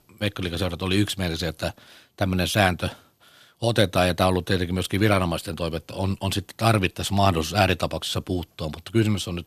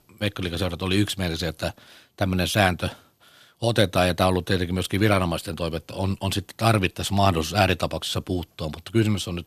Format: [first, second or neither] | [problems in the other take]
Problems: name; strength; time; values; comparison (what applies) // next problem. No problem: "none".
neither | none